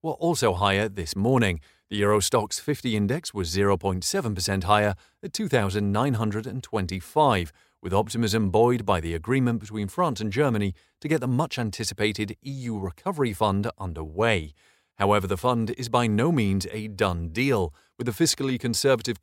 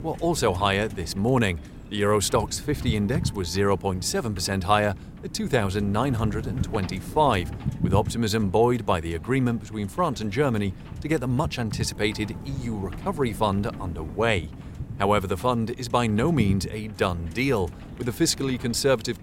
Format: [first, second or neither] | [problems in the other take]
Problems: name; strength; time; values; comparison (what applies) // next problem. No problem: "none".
first | wind noise on the microphone; occasional gusts; 20 dB below the speech